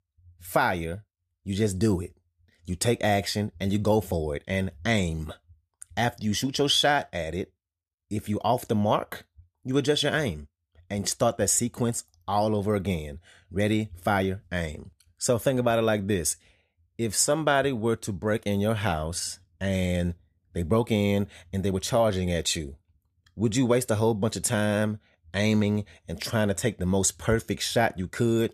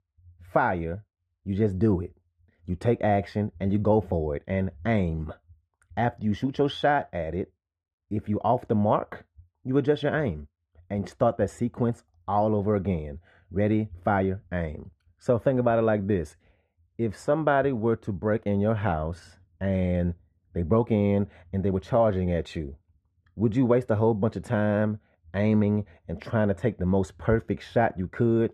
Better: first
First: none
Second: muffled; very; fading above 3.5 kHz

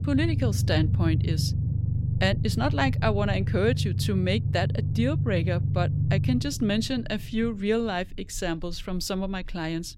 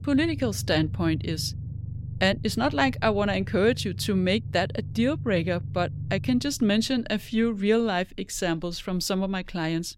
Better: second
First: low rumble; loud; throughout; 10 dB below the speech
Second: low rumble; faint; throughout; 20 dB below the speech

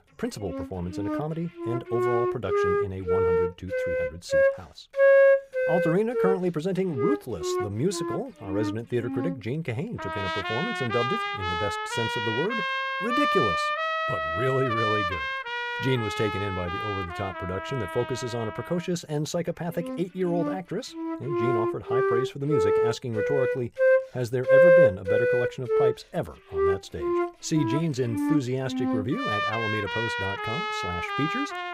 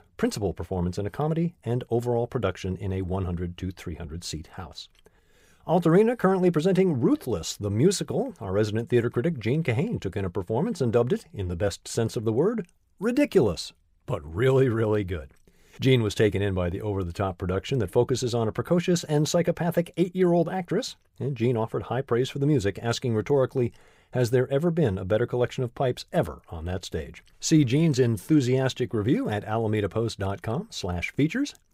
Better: second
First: background music; very loud; throughout; 5 dB above the speech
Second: none

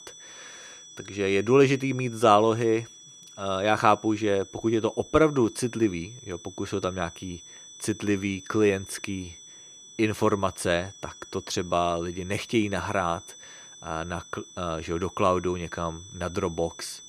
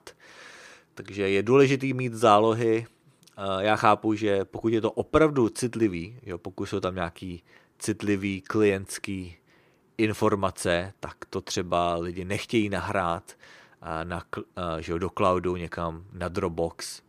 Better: second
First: high-pitched whine; noticeable; throughout; 6 kHz, 20 dB below the speech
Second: none

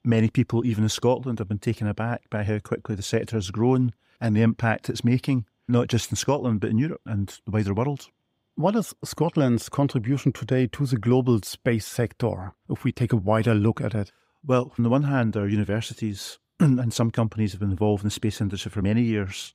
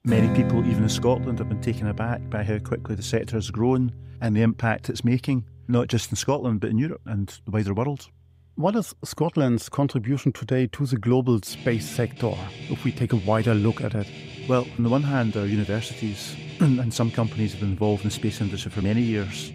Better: first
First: none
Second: background music; loud; throughout; 9 dB below the speech

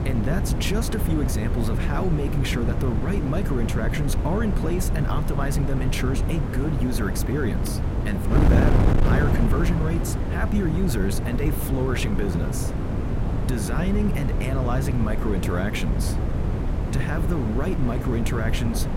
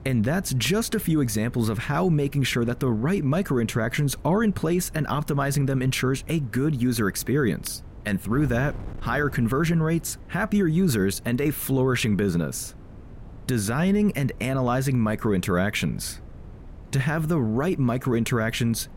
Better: second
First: wind noise on the microphone; heavy; 2 dB below the speech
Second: wind noise on the microphone; occasional gusts; 25 dB below the speech

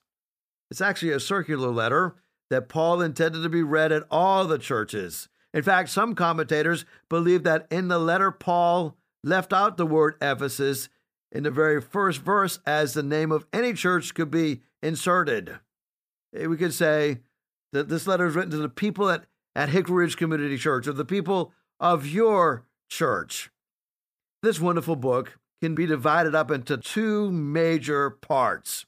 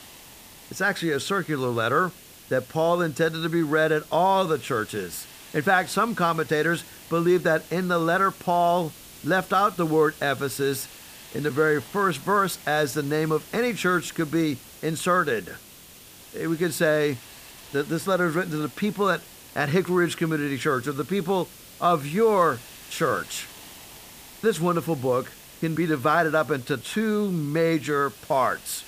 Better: first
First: none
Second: hiss; noticeable; throughout; 20 dB below the speech

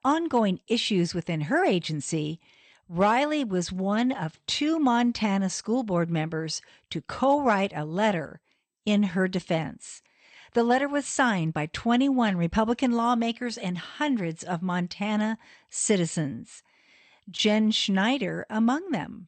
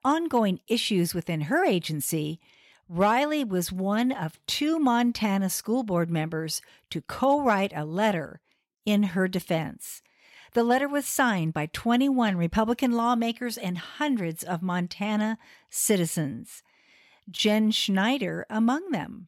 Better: second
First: garbled, watery; slightly; nothing above 8.5 kHz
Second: none

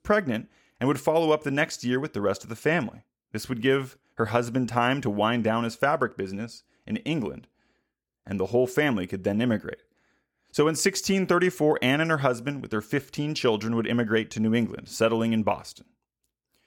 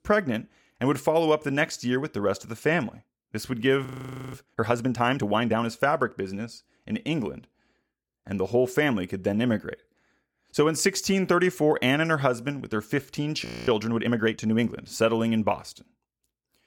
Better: first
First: none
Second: audio freezing; at 4 s and at 13 s

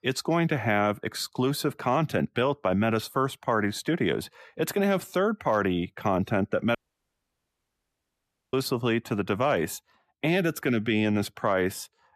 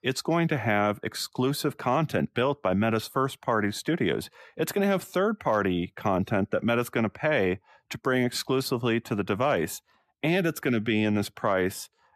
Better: second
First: audio cutting out; at 7 s for 2 s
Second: none

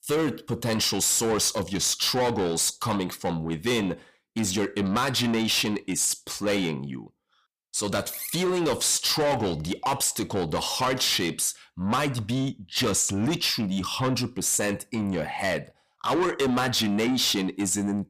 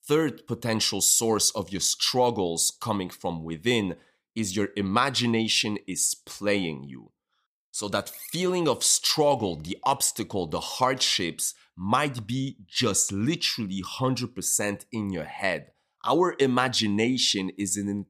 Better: second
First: distortion; heavy; 7 dB below the speech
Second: none

